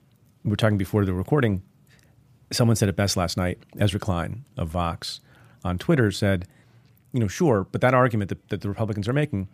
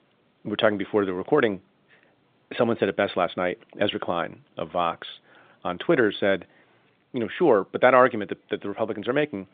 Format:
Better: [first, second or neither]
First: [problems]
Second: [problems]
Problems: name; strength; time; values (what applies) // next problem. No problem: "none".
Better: first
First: none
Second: phone-call audio; nothing above 3.5 kHz